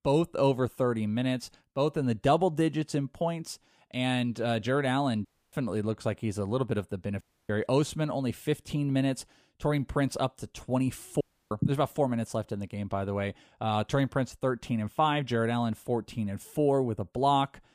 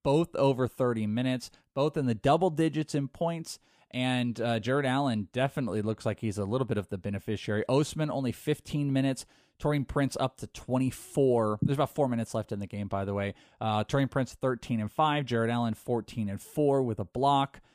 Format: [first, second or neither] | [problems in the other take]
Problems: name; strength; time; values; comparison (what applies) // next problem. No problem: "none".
second | audio cutting out; at 5.5 s, at 7 s and at 11 s